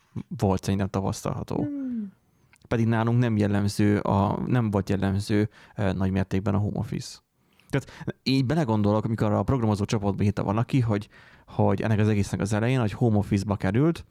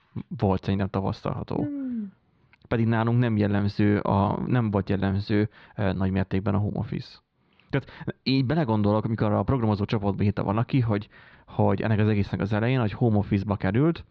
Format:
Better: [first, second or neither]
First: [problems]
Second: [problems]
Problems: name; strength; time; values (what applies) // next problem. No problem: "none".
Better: first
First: none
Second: muffled; very slightly; fading above 4 kHz